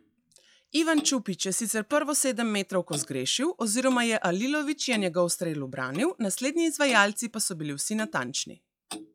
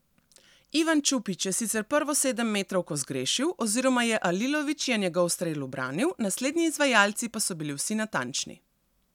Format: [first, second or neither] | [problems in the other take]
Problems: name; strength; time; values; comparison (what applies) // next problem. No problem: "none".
second | noise reduction (classical method log-MMSE)